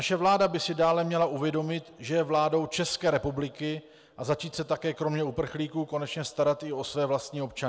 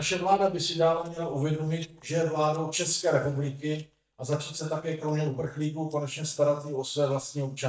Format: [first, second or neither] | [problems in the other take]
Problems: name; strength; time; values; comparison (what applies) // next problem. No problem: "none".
first | noise reduction (neural mask model DeepFilterNet 3)